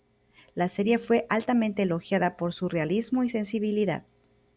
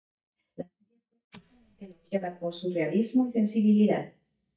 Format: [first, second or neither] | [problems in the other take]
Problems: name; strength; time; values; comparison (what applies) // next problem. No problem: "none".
first | noise reduction (neural mask model DeepFilterNet 3)